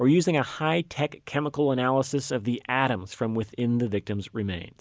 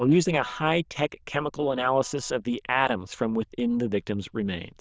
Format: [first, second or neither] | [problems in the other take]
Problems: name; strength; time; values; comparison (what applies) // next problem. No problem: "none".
first | noise reduction (neural diffusion model UNIVERSE++)